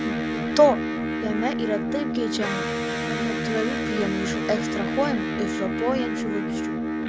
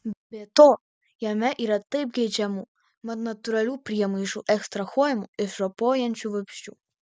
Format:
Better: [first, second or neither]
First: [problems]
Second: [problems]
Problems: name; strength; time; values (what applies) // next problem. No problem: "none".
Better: second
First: background sound (Electric guitar); as loud as the speech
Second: none